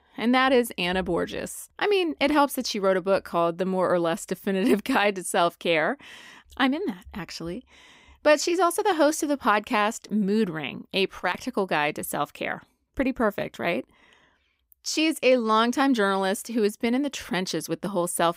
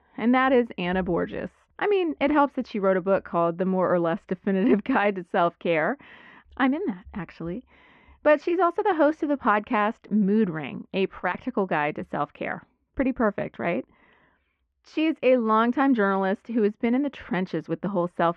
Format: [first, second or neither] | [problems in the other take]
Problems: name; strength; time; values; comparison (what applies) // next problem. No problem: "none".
first | muffled; very; fading above 2 kHz